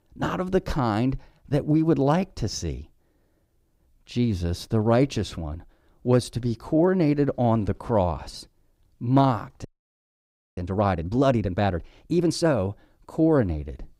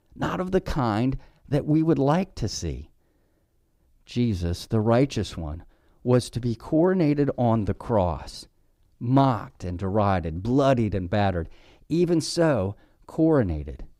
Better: second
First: audio freezing; at 9.5 s for 1 s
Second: none

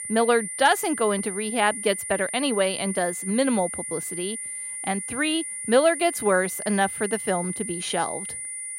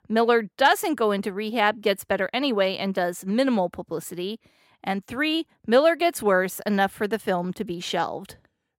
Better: second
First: high-pitched whine; loud; throughout; 9 kHz, 6 dB below the speech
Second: none

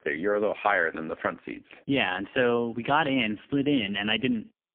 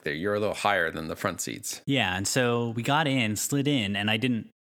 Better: second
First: phone-call audio; poor line; nothing above 3 kHz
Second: none

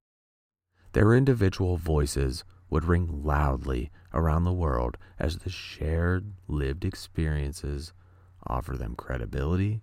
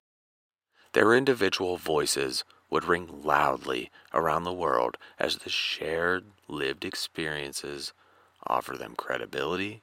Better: first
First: none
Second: thin; very; fading below 450 Hz

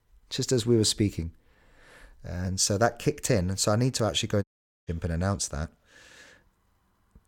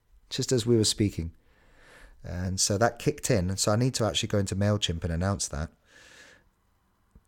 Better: second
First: audio cutting out; at 4.5 s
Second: none

